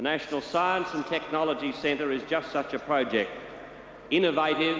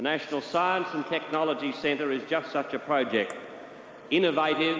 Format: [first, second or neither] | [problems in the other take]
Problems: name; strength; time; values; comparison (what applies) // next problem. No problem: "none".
first | noise reduction (neural mask model Resemble Enhance denoiser)